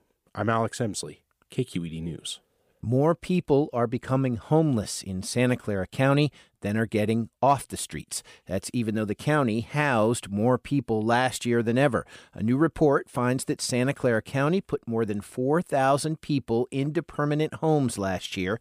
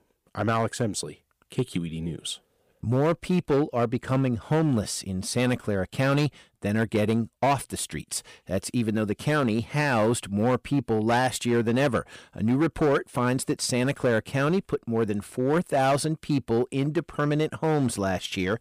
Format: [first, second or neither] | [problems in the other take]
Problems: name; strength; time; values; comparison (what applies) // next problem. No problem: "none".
first | distortion; slight; 6% of the sound clipped